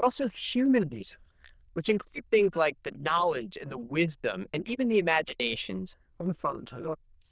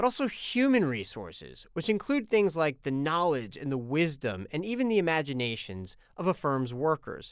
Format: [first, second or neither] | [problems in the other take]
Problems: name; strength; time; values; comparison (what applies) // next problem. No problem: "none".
second | noise reduction (neural diffusion model UNIVERSE++)